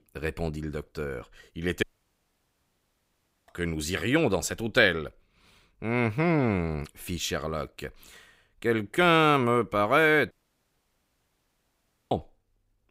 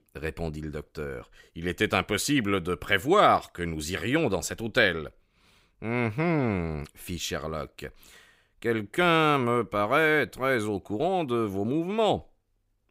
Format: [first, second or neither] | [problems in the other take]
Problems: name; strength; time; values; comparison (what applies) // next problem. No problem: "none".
second | audio cutting out; at 2 s for 1.5 s and at 10 s for 2 s